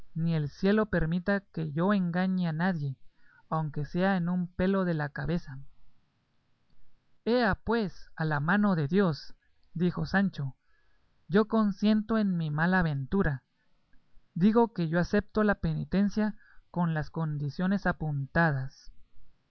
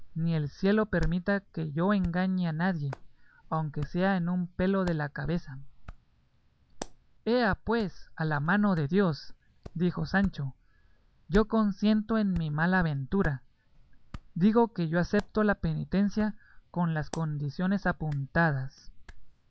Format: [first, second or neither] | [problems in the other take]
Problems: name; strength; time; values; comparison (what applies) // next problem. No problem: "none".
first | background sound (Hands); 17 dB below the speech